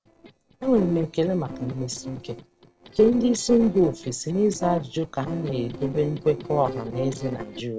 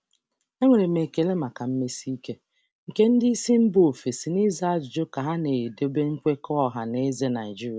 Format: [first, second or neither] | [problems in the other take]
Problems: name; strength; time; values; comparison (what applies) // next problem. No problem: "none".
second | noise reduction (neural separator model SepFormer DNS4)